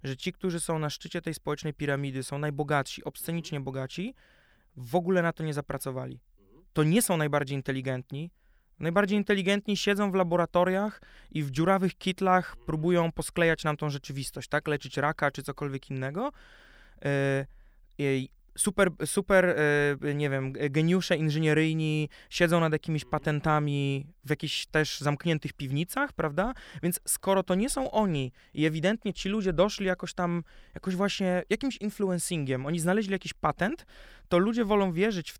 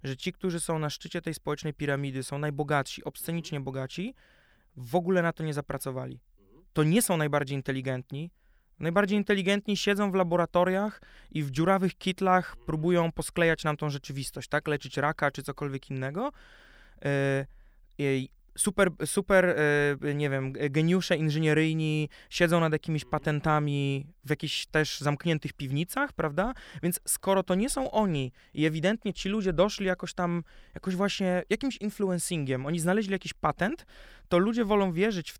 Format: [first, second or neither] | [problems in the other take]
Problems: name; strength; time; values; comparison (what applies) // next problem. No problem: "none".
neither | none